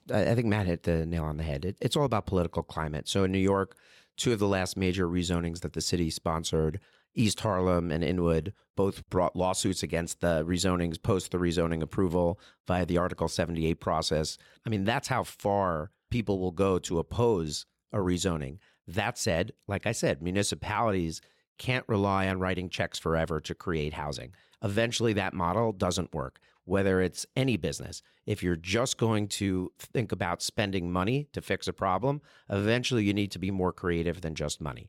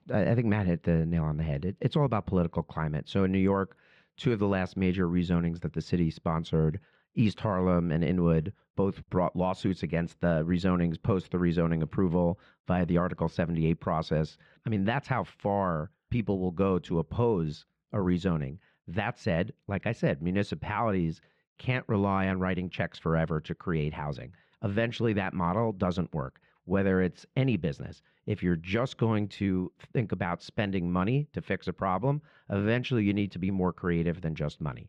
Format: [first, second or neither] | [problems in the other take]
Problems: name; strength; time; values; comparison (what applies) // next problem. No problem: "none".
first | muffled; slightly; fading above 2.5 kHz